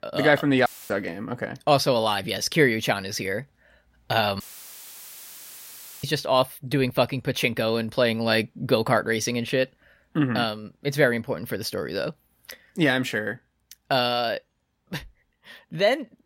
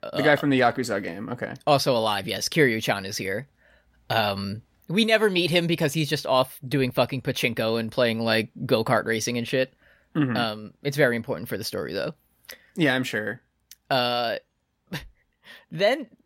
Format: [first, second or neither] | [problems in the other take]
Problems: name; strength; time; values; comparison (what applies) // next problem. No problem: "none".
second | audio cutting out; filled with static; at 0.5 s and at 4.5 s for 1.5 s